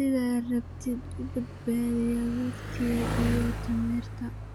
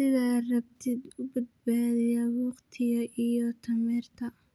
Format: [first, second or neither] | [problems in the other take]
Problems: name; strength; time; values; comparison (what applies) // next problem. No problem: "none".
second | background sound (Bicycle); 5 dB below the speech